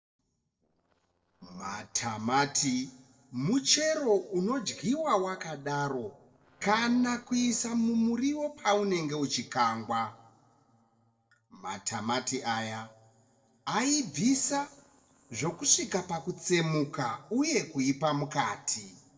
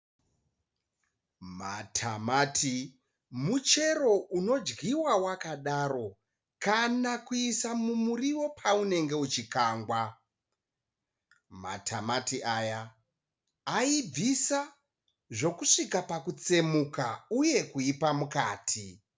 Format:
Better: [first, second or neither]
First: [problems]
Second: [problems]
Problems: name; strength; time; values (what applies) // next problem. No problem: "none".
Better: second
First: noise reduction (neural separator model SepFormer DNS4)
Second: none